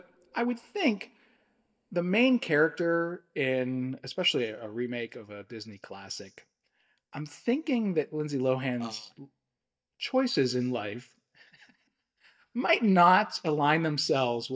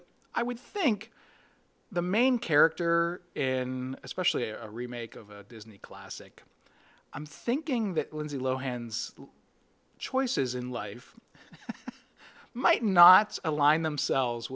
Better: second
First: noise reduction (neural mask model DeepFilterNet 3)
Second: none

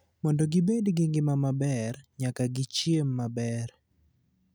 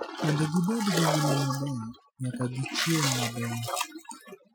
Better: first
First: none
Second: noise reduction (classical method Wiener filter)

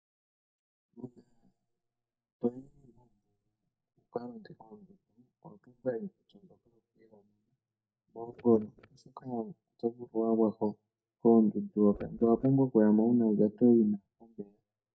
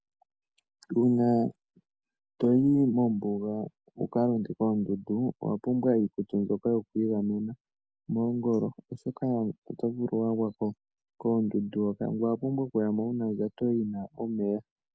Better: second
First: noise reduction (neural mask model DeepFilterNet 3)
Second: none

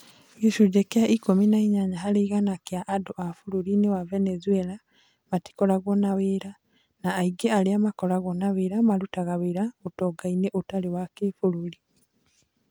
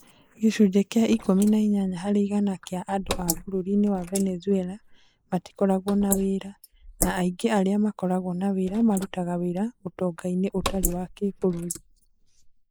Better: first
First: none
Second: noise reduction (neural mask model Resemble Enhance denoiser)

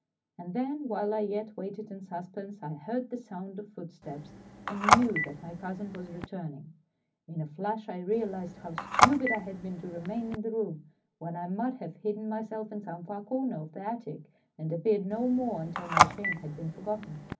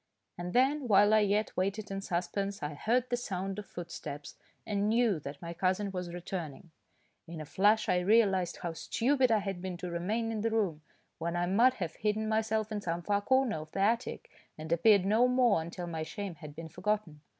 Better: second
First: background sound (Telephone); 4 dB above the speech // room echo; dies away in 0.4 s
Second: none

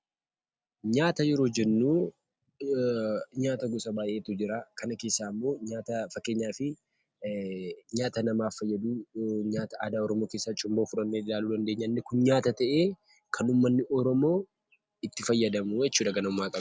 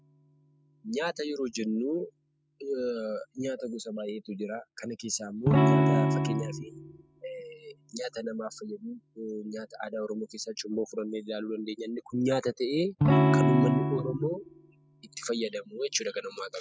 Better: first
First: none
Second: noise reduction (classical method spectral subtraction)

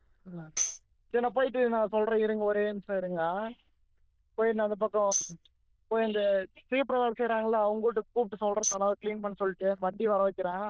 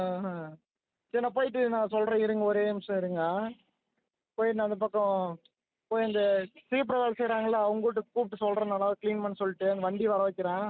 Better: second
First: noise reduction (neural diffusion model UNIVERSE++)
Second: none

